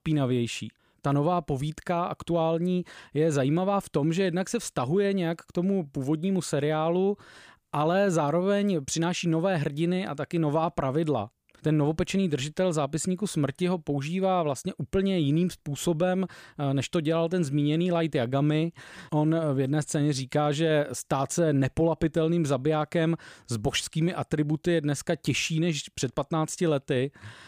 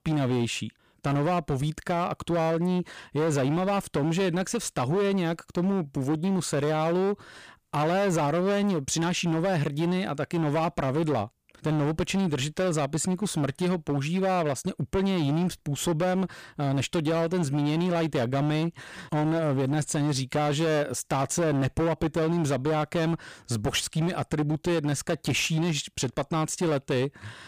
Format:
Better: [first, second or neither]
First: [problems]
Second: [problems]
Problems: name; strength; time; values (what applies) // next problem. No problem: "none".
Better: first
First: none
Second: distortion; slight; 20% of the sound clipped